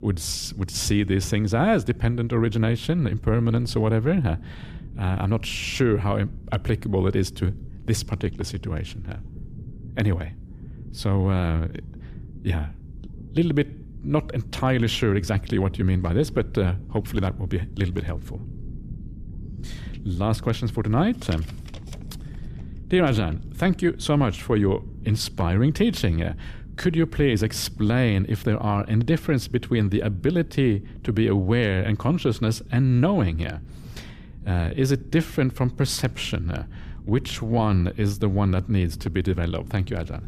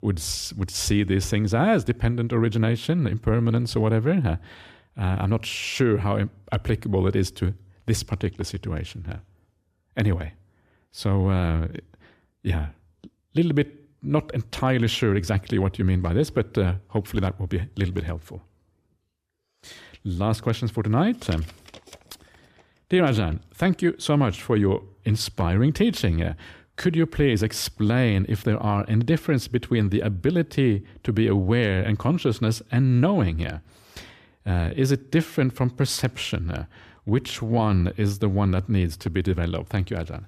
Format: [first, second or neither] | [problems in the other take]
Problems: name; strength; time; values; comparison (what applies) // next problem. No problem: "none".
second | low rumble; faint; throughout; 25 dB below the speech